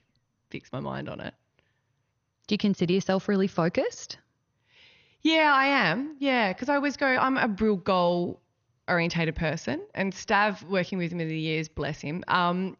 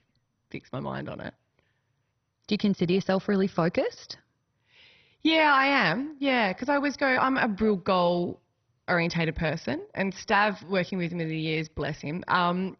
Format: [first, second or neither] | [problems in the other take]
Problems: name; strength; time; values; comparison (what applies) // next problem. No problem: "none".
first | garbled, watery; badly; nothing above 6 kHz; slightly in the first